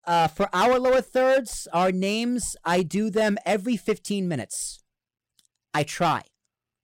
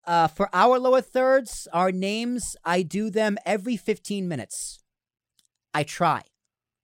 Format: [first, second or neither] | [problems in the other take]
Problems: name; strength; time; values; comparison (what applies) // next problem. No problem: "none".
second | distortion; slight; 7% of the sound clipped